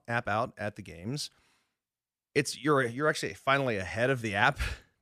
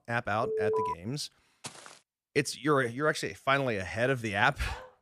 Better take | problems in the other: first | alarm; loud; at 0.5 s; peak level with the speech // footsteps; faint; at 1.5 s; peak 15 dB below the speech // dog barking; very faint; at 4.5 s; peak 15 dB below the speech

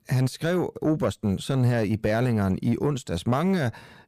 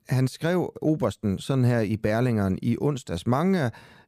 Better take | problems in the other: second | distortion; slight; 10 dB below the speech

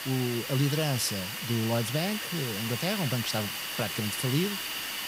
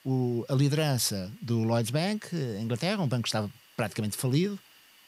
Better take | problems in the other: second | hiss; loud; throughout; 2 dB below the speech; faint in the second

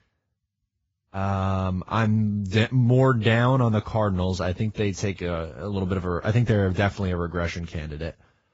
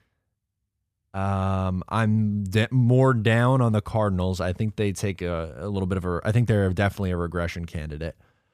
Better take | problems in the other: second | garbled, watery; badly; nothing above 7.5 kHz

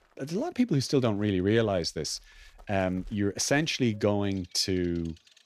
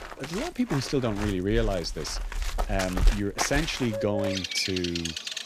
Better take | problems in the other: first | animal sounds; loud; throughout; 3 dB below the speech; faint in the first

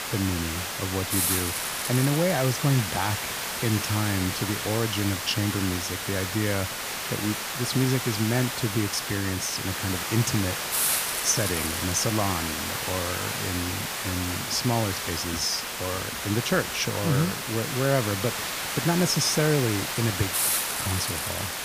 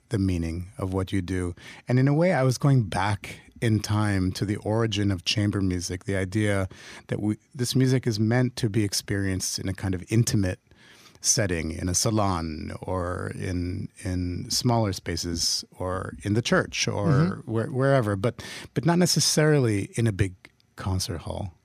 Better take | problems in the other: second | hiss; loud; throughout; 1 dB below the speech

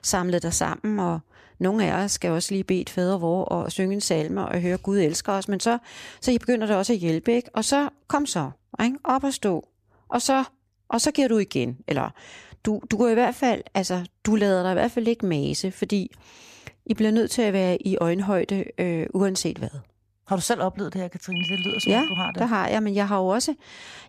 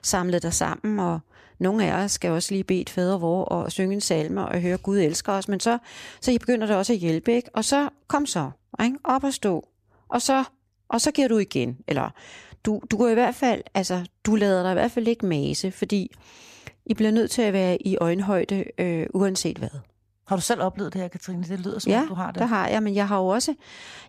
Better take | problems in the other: second | phone ringing; noticeable; from 21 to 22 s; peak 1 dB below the speech

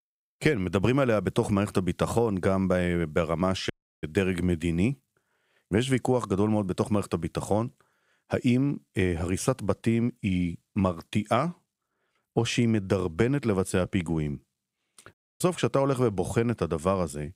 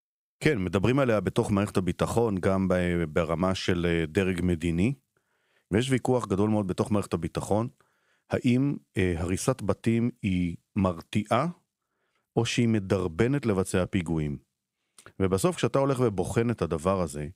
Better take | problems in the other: second | audio cutting out; at 3.5 s and at 15 s

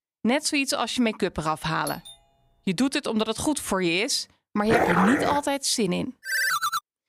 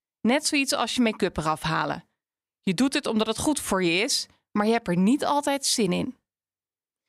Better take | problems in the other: second | doorbell; faint; at 2 s; peak 15 dB below the speech // dog barking; loud; at 4.5 s; peak 3 dB above the speech // phone ringing; loud; at 6.5 s; peak 2 dB above the speech

